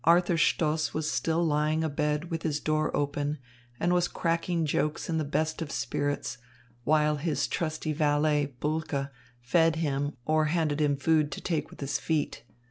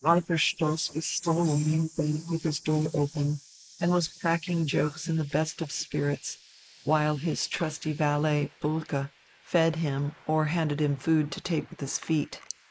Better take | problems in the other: first | noise reduction (neural mask model Resemble Enhance denoiser)

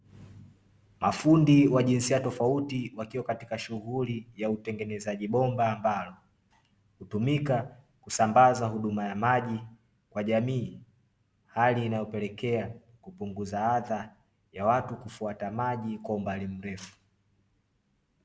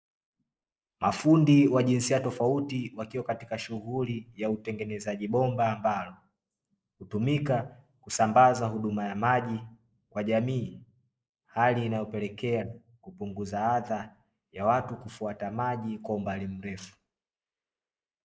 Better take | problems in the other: first | noise reduction (neural mask model Resemble Enhance denoiser)

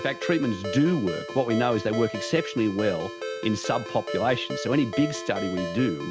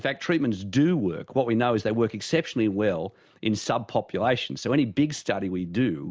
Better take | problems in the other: second | background sound (Ringtone); 8 dB below the speech

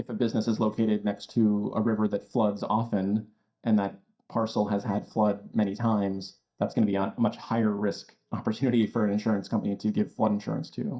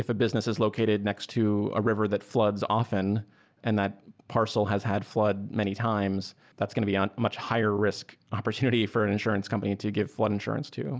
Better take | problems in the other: second | noise reduction (neural mask model DeepFilterNet 3)

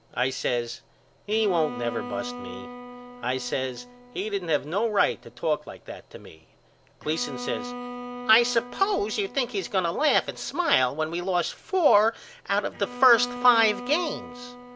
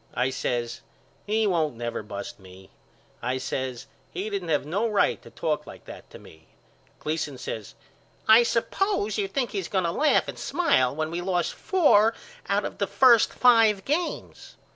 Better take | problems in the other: second | background sound (Bowed string instrument); 13 dB below the speech

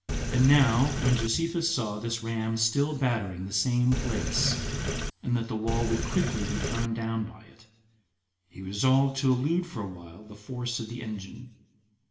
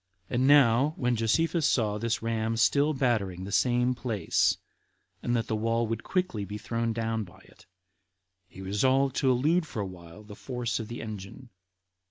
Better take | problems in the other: second | background sound (Sink (filling or washing)); 1 dB below the speech // room echo; dies away in 0.8 s

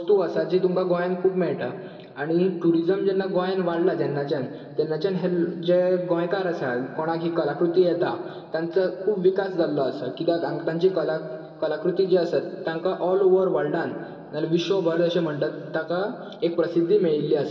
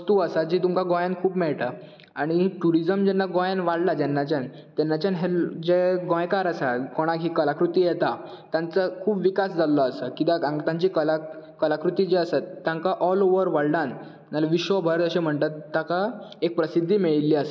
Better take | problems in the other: second | room echo; dies away in 2.7 s

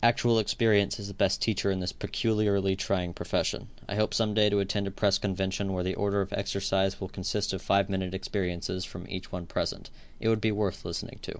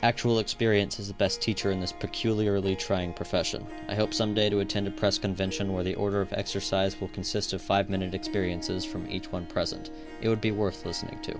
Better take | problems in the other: first | background sound (Harp); 13 dB below the speech

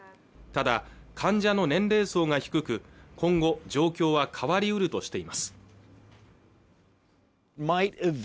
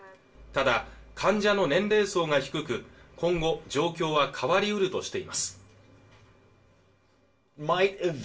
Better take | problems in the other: first | room echo; dies away in 0.2 s

